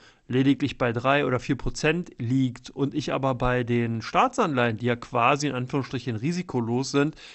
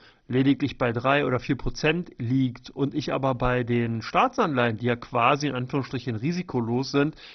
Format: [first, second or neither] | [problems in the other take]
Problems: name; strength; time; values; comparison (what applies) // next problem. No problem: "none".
first | garbled, watery; badly; nothing above 6 kHz; slightly in the first